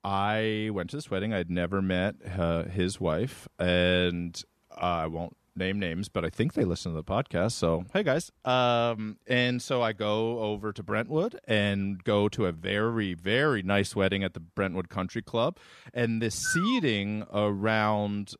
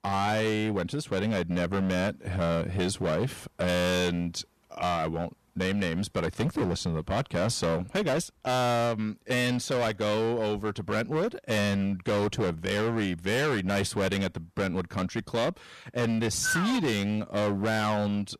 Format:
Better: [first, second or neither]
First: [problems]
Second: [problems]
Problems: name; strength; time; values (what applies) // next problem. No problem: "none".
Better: first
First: none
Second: distortion; heavy; 20% of the sound clipped